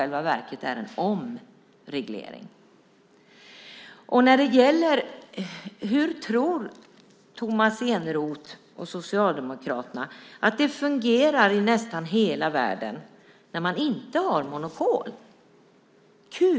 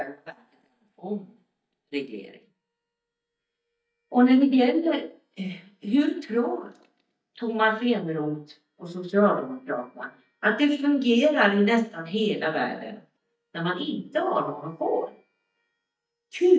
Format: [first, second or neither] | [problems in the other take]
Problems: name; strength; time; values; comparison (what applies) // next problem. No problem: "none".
first | noise reduction (neural mask model DeepFilterNet 3)